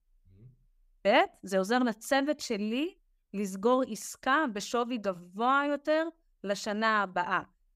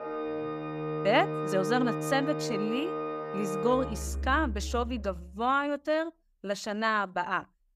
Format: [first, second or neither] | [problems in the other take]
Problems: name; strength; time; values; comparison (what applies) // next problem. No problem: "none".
first | background music; loud; until 4.5 s; 4 dB below the speech